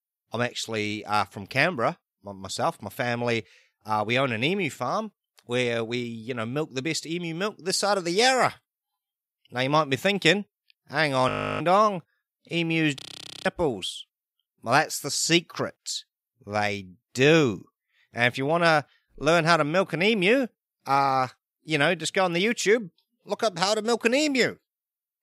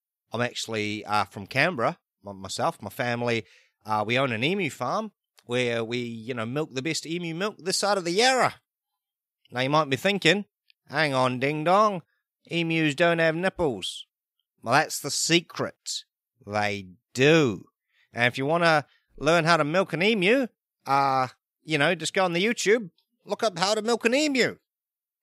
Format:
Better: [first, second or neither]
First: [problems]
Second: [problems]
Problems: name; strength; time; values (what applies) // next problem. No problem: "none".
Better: second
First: audio freezing; at 11 s and at 13 s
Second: none